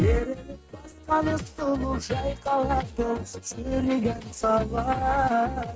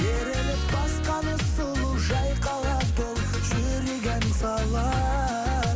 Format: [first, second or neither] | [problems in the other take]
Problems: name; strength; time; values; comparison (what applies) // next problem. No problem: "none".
second | noise reduction (neural mask model RNNoise)